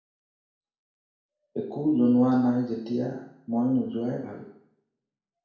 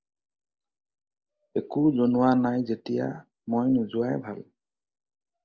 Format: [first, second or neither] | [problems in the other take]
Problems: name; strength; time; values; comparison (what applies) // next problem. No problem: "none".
second | room echo; dies away in 0.7 s